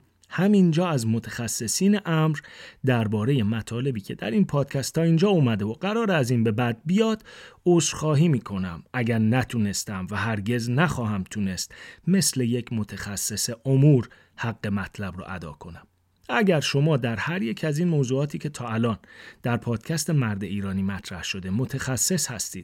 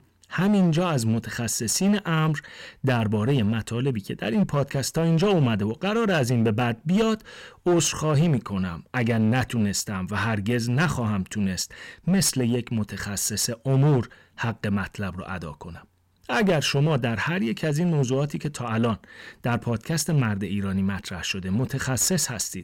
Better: first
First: none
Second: distortion; slight; 8% of the sound clipped

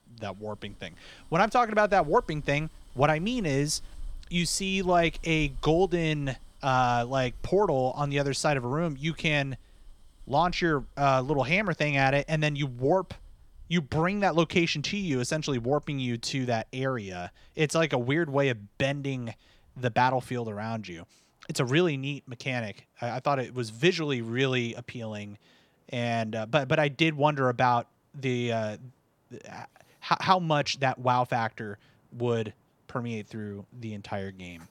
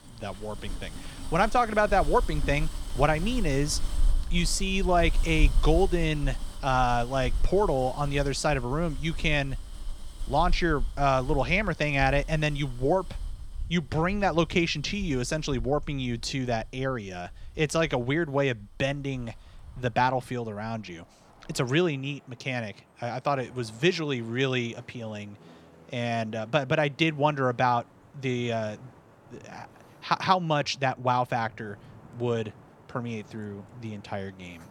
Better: first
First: traffic noise; faint; throughout; 25 dB below the speech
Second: traffic noise; loud; throughout; 10 dB below the speech

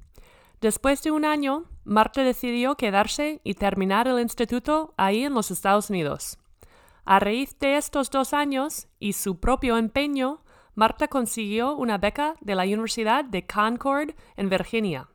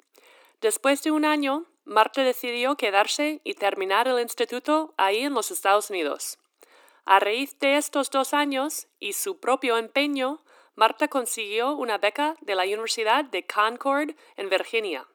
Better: first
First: none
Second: thin; very slightly; fading below 300 Hz

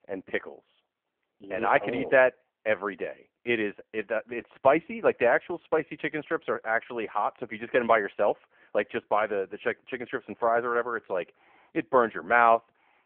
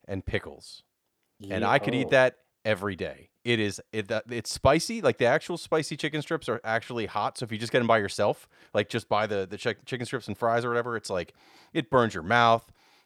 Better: second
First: phone-call audio; poor line; nothing above 3.5 kHz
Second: none

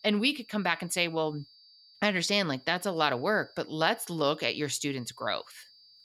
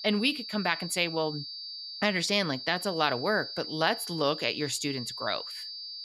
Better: first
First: high-pitched whine; faint; throughout; 4.5 kHz, 25 dB below the speech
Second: high-pitched whine; loud; throughout; 4.5 kHz, 8 dB below the speech

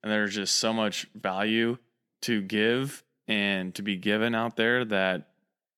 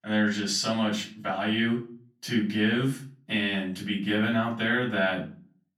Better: first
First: none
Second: off-mic speech; far // room echo; slight; dies away in 0.4 s

